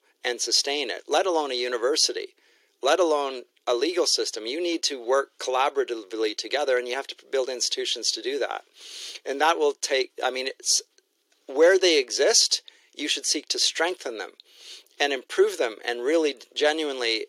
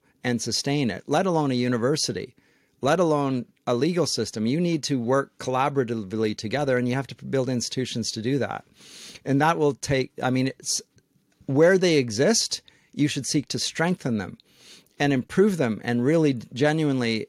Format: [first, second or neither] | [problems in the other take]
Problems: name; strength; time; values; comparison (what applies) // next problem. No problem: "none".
second | thin; very; fading below 350 Hz